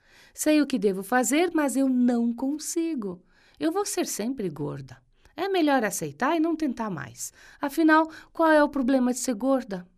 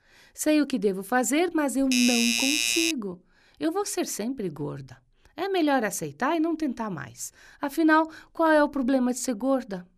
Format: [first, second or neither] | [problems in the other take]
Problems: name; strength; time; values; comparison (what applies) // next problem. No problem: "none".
first | doorbell; loud; from 2 to 3 s; peak 3 dB above the speech